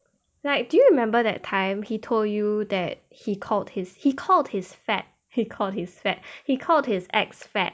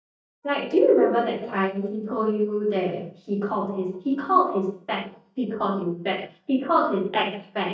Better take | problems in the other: first | noise reduction (neural mask model DeepFilterNet 3)

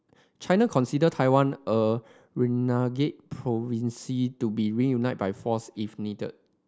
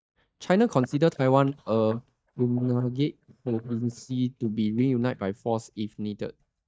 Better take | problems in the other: first | noise reduction (neural mask model DeepFilterNet 3)

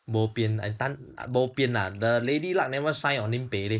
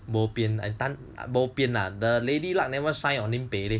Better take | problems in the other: second | noise reduction (neural mask model Resemble Enhance denoiser)

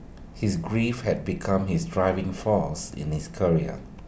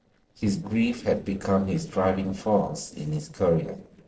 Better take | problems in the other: first | noise reduction (neural separator model SepFormer DNS4)

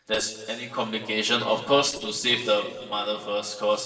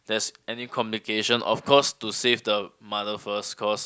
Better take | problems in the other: second | noise reduction (neural separator model SepFormer DNS4)

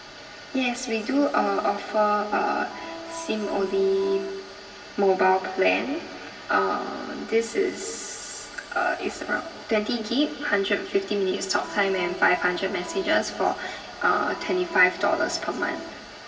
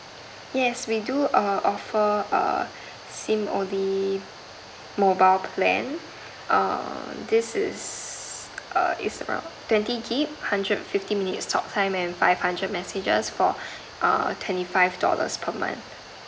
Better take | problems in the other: second | background sound (Organ); 13 dB below the speech // room echo; dies away in 2.4 s

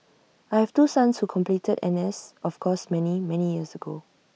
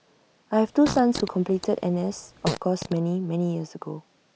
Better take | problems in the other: first | background sound (Fart); 10 dB below the speech

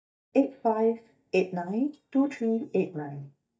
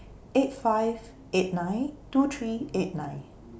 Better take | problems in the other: second | noise reduction (neural mask model DeepFilterNet 3)

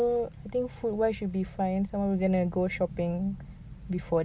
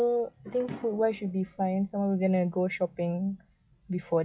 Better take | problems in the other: first | noise reduction (classical method log-MMSE)

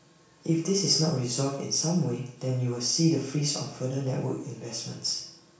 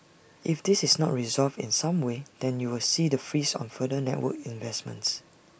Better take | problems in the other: second | room echo; dies away in 0.6 s

